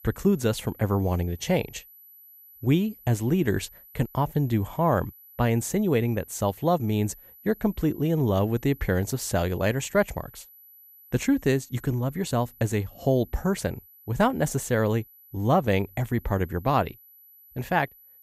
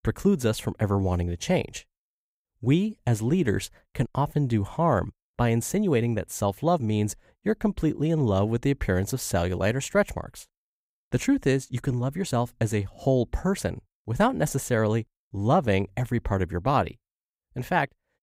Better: second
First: high-pitched whine; faint; throughout; 12 kHz, 25 dB below the speech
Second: none

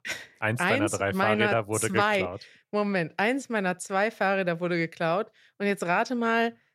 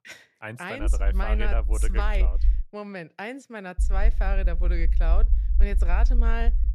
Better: first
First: none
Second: low rumble; noticeable; from 1 to 2.5 s and from 4 s on; 15 dB below the speech

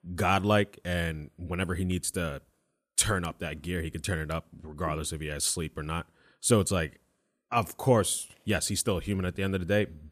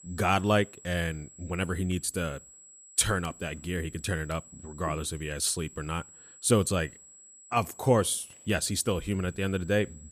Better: first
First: none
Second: high-pitched whine; faint; throughout; 7.5 kHz, 20 dB below the speech

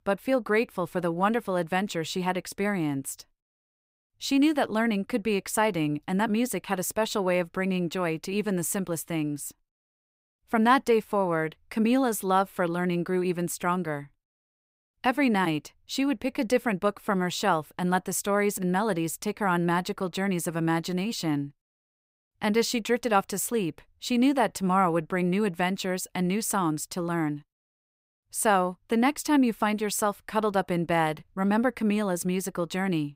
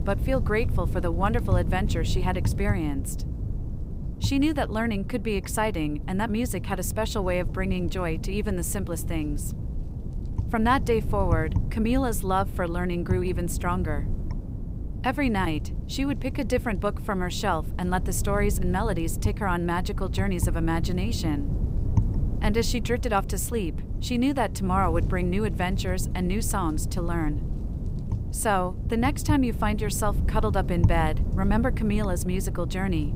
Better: first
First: none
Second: wind noise on the microphone; occasional gusts; 15 dB below the speech

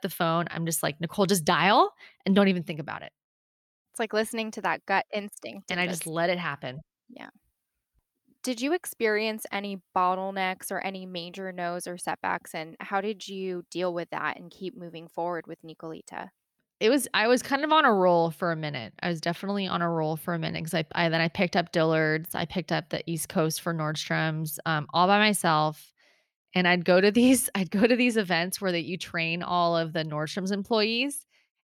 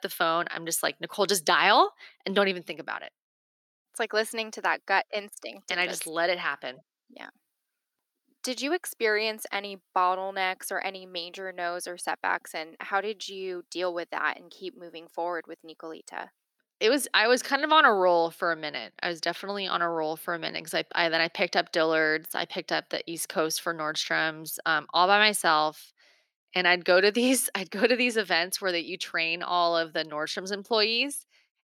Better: first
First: none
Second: thin; somewhat; fading below 300 Hz

